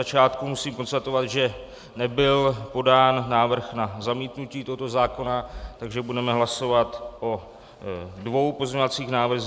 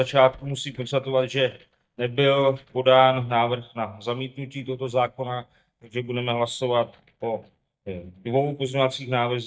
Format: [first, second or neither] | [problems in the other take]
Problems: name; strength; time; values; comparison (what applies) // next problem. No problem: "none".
first | noise reduction (neural mask model DeepFilterNet 3)